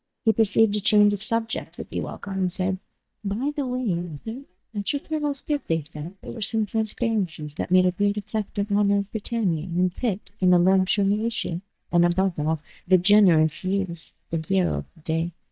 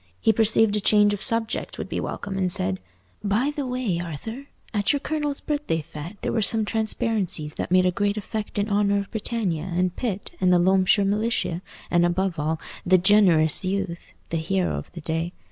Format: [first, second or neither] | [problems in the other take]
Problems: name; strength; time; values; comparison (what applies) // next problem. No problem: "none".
second | noise reduction (neural mask model DeepFilterNet 3)